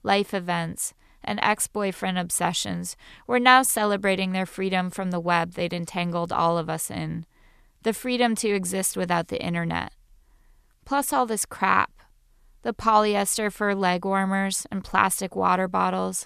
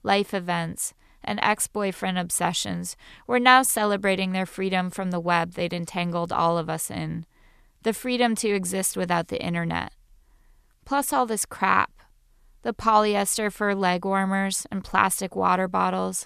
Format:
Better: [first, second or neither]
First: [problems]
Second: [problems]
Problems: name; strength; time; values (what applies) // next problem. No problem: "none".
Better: neither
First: none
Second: none